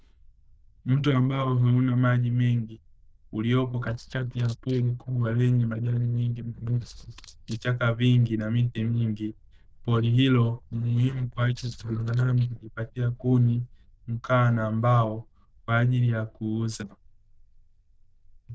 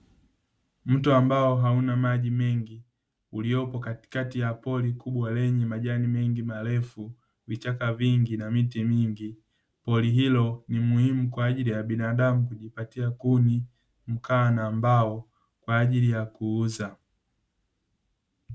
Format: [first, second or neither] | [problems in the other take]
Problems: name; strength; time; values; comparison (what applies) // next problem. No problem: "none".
second | noise reduction (neural diffusion model UNIVERSE++)